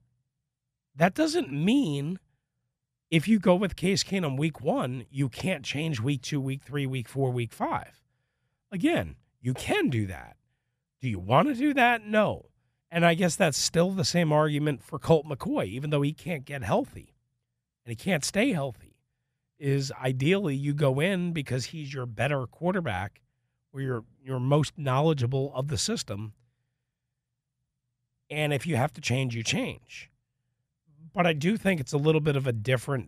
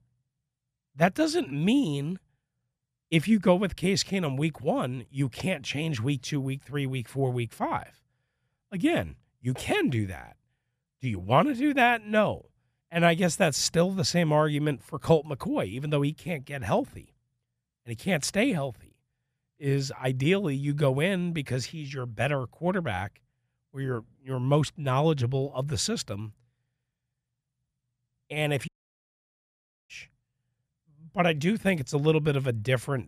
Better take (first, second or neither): first